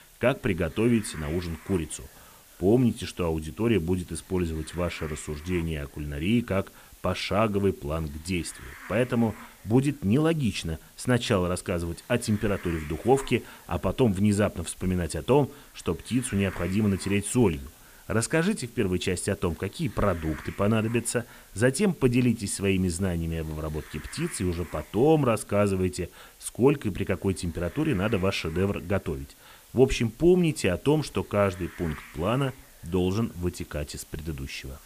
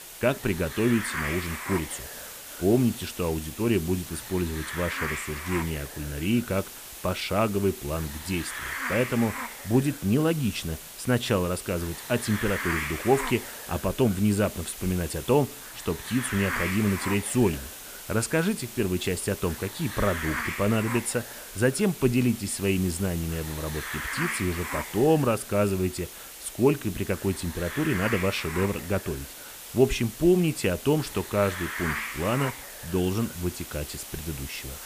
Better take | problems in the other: first | hiss; loud; throughout; 8 dB below the speech; faint in the first

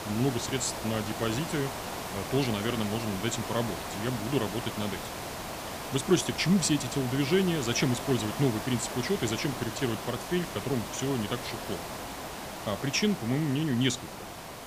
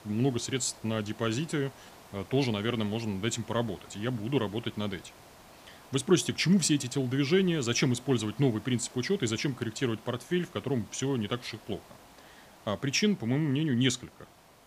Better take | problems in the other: second | hiss; loud; throughout; 7 dB below the speech; faint in the second

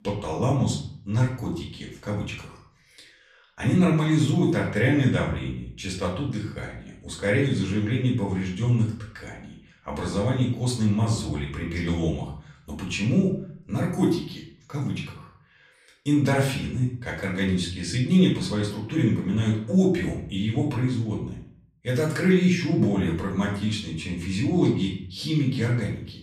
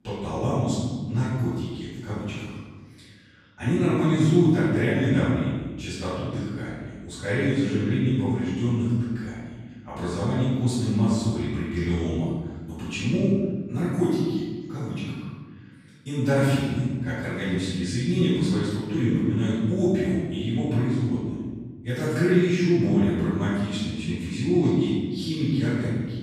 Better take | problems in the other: first | room echo; strong; dies away in 1.4 s; slight in the first // off-mic speech; far; far in the first

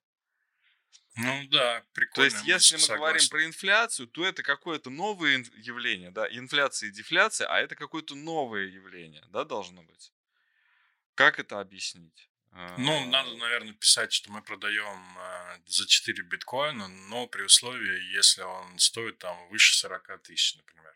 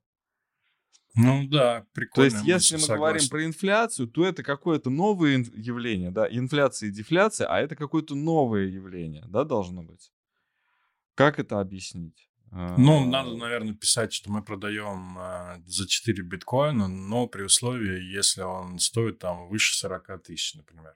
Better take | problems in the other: second | thin; somewhat; fading below 1 kHz

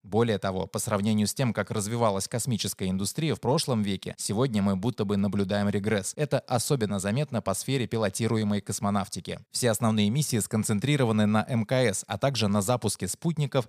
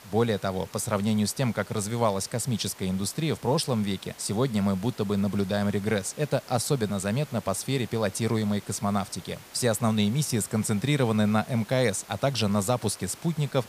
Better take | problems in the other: first | hiss; faint; throughout; 20 dB below the speech

